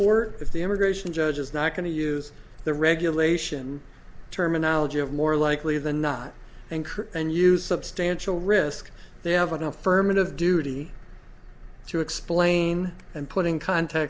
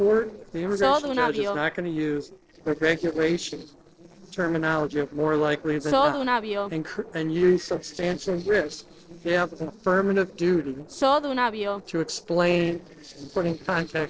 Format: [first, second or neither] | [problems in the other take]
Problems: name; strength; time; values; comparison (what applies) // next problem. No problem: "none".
first | noise reduction (neural separator model SepFormer DNS4)